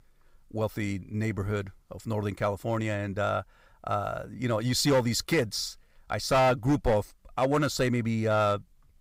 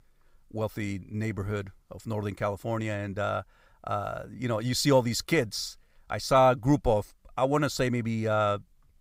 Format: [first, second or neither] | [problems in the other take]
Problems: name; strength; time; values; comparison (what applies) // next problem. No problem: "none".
second | distortion; slight; 4% of the sound clipped